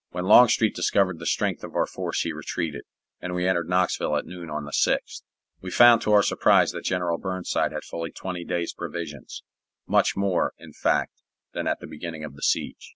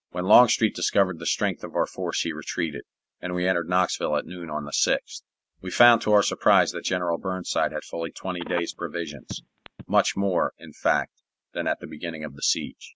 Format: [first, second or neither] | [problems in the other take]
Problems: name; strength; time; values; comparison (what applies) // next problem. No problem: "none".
first | noise reduction (neural mask model RNNoise)